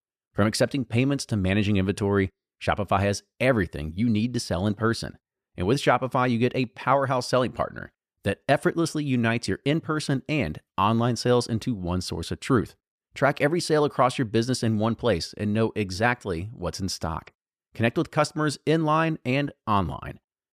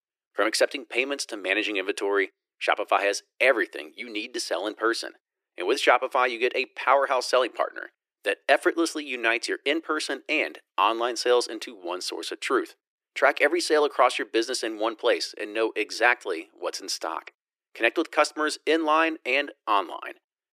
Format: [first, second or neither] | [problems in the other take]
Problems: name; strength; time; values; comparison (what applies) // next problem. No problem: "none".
first | thin; very; fading below 300 Hz